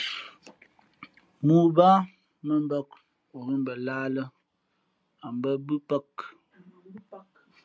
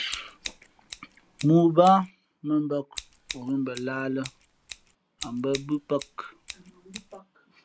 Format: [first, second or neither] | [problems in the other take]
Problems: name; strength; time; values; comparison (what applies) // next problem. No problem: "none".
first | background sound (Scissors); 16 dB below the speech